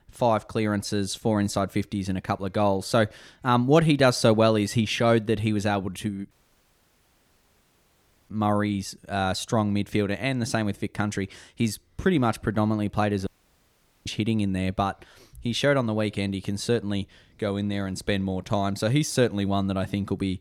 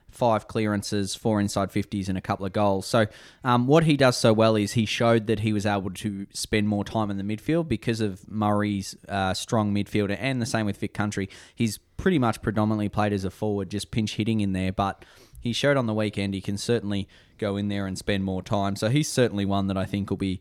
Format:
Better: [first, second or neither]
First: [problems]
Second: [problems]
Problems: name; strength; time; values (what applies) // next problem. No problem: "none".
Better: second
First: audio cutting out; at 6.5 s for 2 s and at 13 s for 1 s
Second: none